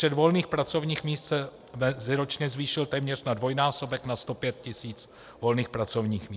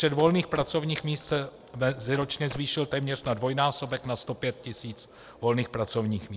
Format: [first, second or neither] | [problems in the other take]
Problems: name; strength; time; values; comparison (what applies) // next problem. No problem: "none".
first | background sound (Telephone); 18 dB below the speech